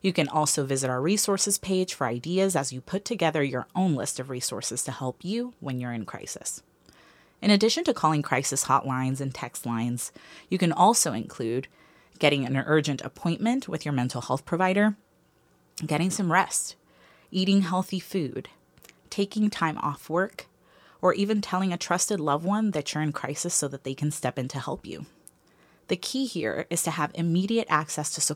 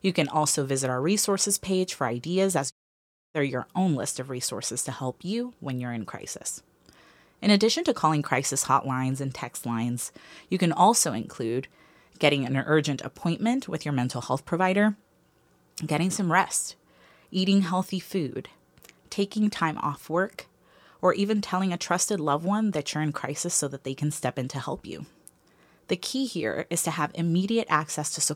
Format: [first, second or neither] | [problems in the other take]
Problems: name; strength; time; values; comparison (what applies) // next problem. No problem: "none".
first | audio cutting out; at 2.5 s for 0.5 s